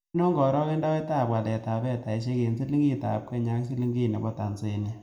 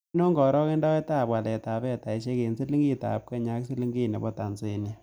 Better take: second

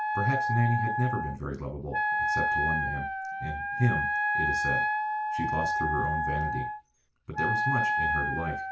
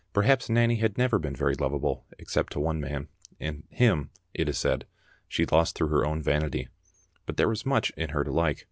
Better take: second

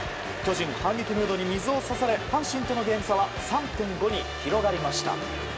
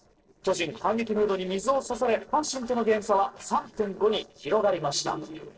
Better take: first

